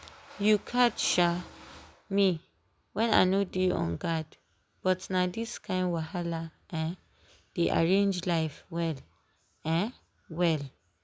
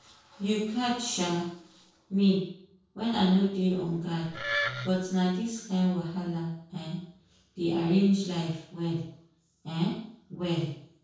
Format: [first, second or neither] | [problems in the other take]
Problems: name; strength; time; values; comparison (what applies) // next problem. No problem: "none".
first | noise reduction (neural separator model SepFormer DNS4)